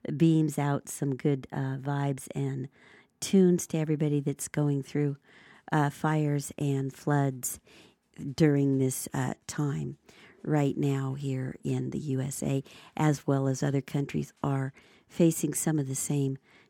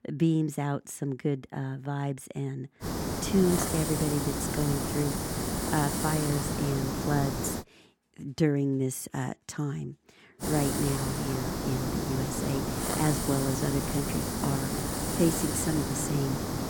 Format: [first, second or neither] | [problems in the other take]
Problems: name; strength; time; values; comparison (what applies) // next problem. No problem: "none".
first | hiss; loud; from 3 to 7.5 s and from 10 s on; 1 dB below the speech